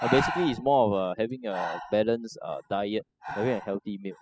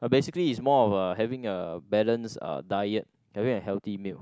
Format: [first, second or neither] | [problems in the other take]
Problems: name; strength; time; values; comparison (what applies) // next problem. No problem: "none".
second | noise reduction (classical method spectral subtraction)